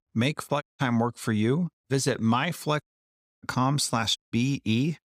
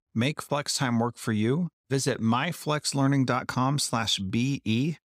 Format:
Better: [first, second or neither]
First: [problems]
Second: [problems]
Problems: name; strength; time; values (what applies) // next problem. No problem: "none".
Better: second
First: audio cutting out; at 0.5 s, at 3 s for 0.5 s and at 4 s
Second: none